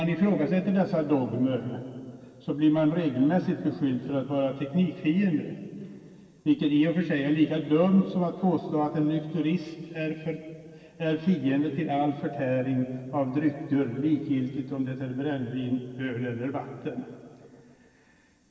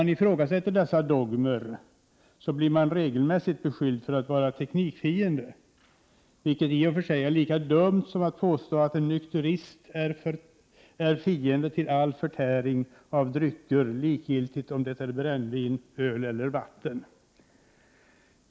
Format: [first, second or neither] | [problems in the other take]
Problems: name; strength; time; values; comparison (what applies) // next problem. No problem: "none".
second | room echo; dies away in 2.4 s